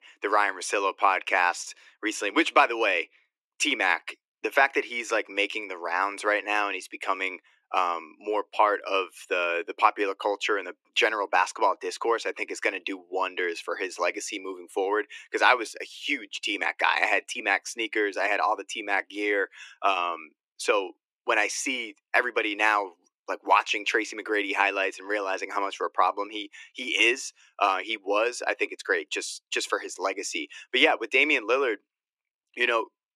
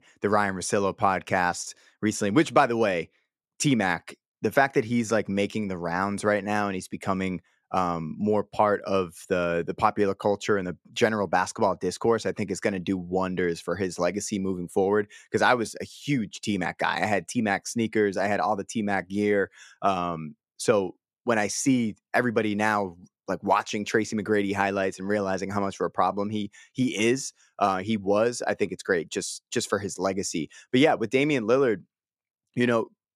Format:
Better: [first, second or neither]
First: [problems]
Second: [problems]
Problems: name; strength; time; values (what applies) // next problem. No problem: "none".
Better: second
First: thin; very; fading below 300 Hz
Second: none